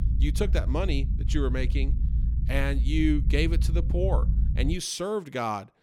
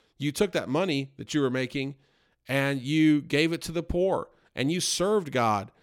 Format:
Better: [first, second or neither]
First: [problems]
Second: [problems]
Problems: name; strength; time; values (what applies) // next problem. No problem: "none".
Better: second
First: low rumble; noticeable; until 4.5 s; 15 dB below the speech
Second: none